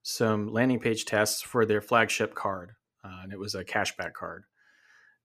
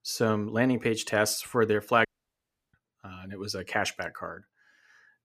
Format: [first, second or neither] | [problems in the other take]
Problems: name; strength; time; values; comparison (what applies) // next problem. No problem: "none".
first | audio cutting out; at 2 s for 0.5 s